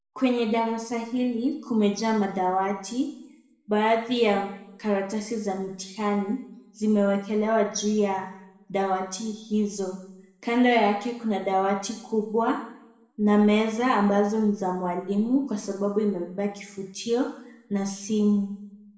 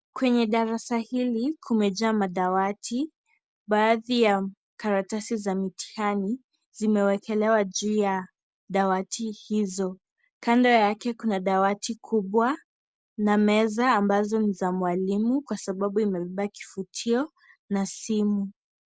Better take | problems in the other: second | room echo; dies away in 0.7 s

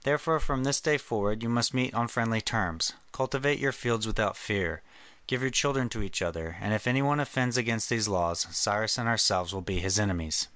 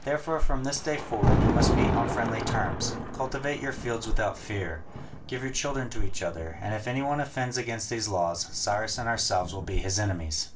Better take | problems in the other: first | background sound (Thunder); 3 dB below the speech // room echo; dies away in 0.2 s

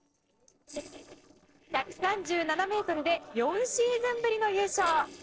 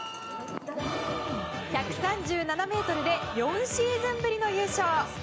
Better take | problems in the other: second | noise reduction (neural separator model SepFormer DNS4)

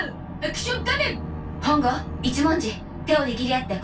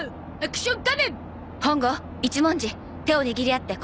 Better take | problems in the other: second | background sound (Bowed string instrument); 10 dB below the speech // room echo; dies away in 0.2 s

